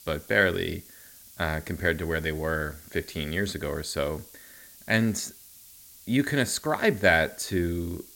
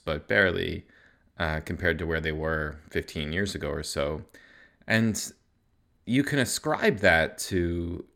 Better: second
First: hiss; faint; throughout; 20 dB below the speech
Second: none

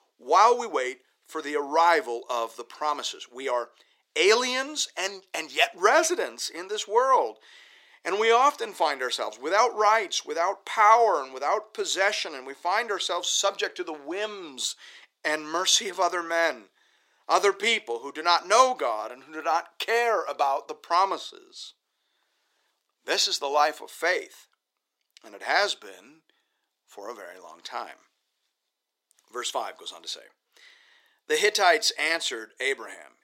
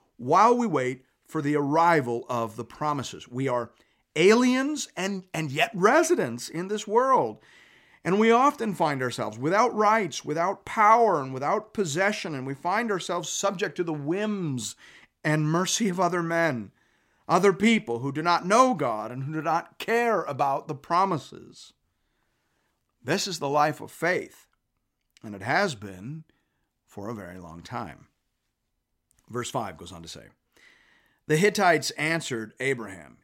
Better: second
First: thin; very; fading below 400 Hz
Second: none

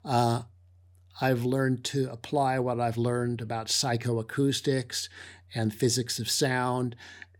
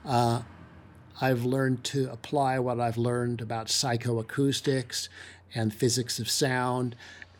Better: first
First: none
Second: traffic noise; faint; throughout; 25 dB below the speech

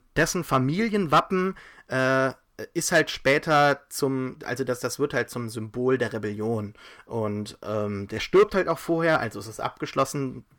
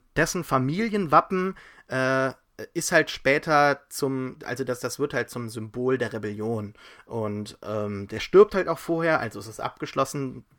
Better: second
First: distortion; slight; 1.3% of the sound clipped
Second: none

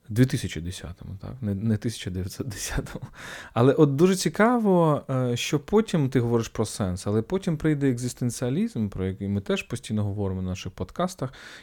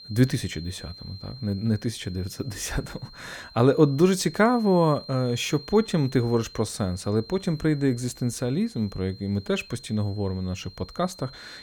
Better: first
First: none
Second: high-pitched whine; noticeable; throughout; 4 kHz, 20 dB below the speech

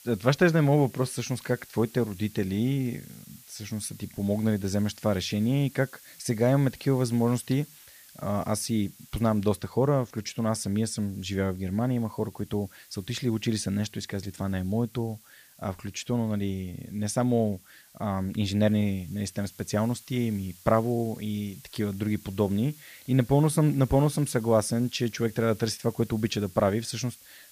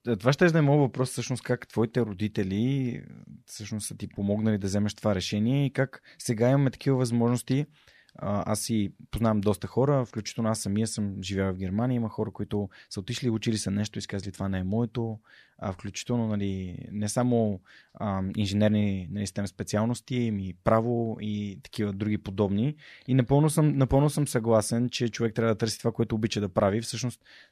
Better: second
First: hiss; faint; throughout; 20 dB below the speech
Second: none

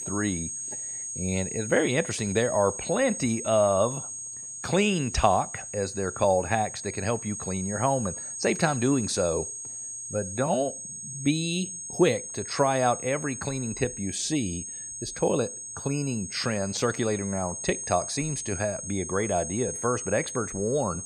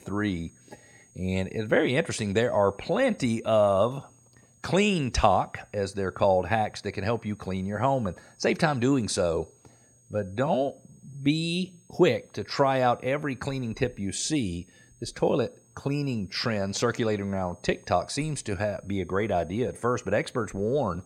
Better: second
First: high-pitched whine; loud; throughout; 6.5 kHz, 7 dB below the speech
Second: high-pitched whine; faint; throughout; 6.5 kHz, 30 dB below the speech

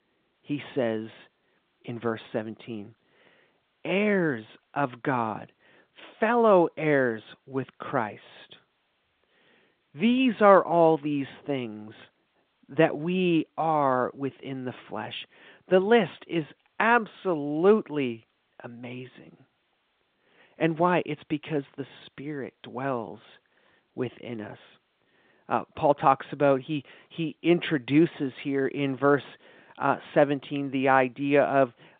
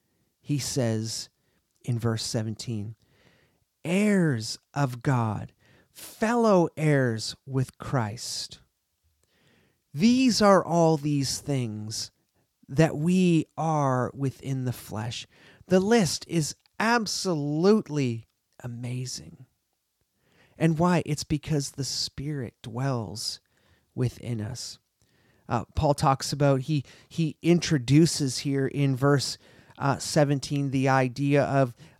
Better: second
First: phone-call audio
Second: none

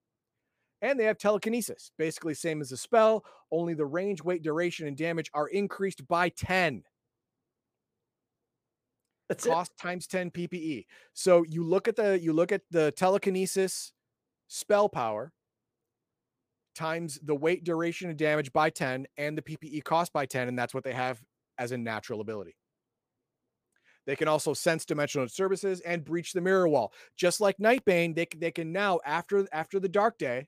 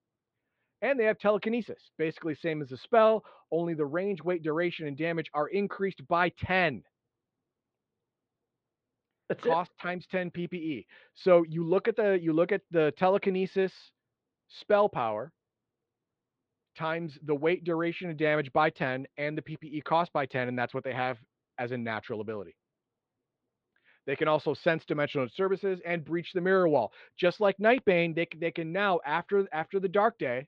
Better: first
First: none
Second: muffled; slightly; fading above 4 kHz

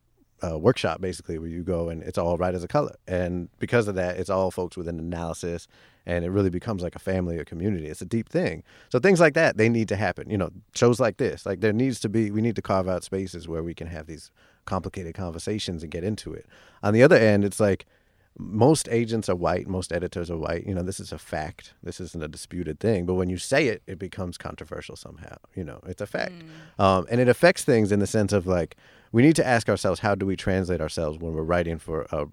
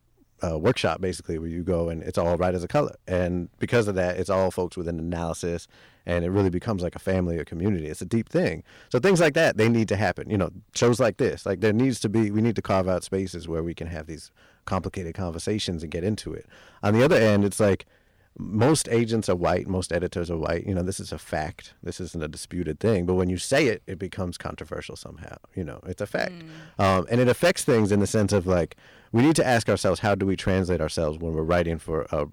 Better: first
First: none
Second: distortion; slight; 3% of the sound clipped

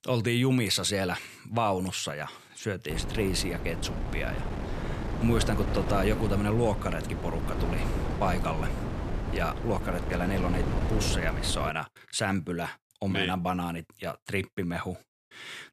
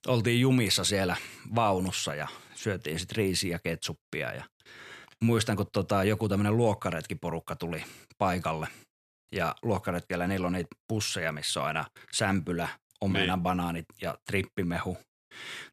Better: second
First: wind noise on the microphone; heavy; from 3 to 12 s; 7 dB below the speech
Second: none

